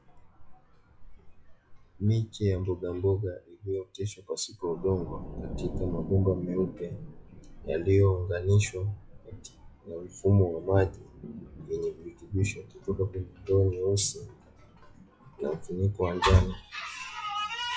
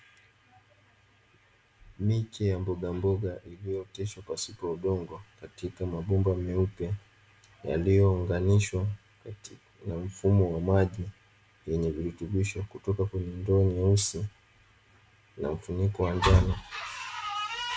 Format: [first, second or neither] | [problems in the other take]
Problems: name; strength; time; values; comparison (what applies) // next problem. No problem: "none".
second | noise reduction (classical method log-MMSE)